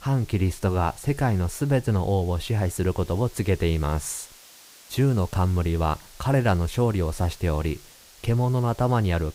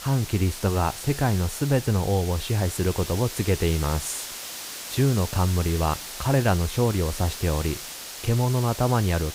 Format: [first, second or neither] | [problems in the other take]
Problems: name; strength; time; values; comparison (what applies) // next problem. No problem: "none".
first | hiss; loud; throughout; 10 dB below the speech; faint in the first